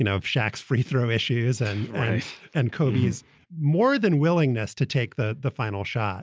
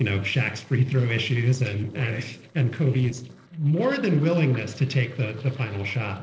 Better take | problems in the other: first | noise reduction (neural separator model SepFormer DNS4)

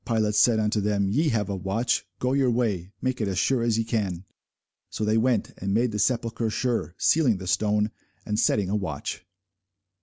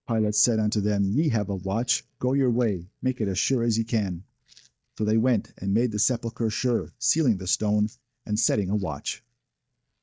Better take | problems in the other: first | noise reduction (neural mask model DeepFilterNet 3)

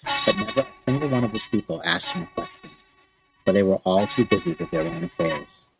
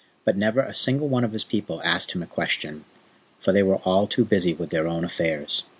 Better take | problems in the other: second | noise reduction (neural mask model RNNoise)

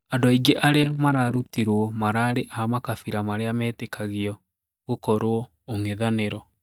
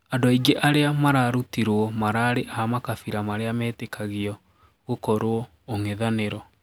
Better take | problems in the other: second | noise reduction (neural mask model DeepFilterNet 3)

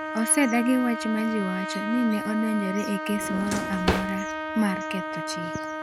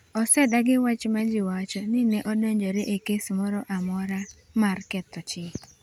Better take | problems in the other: second | background sound (Trumpet + Drawer open or close); 4 dB below the speech

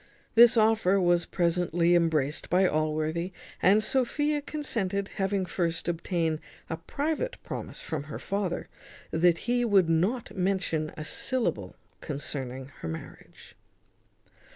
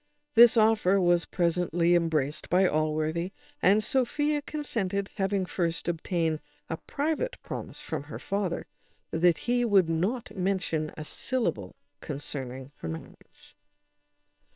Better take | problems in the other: first | noise reduction (neural separator model SepFormer WHAM!)

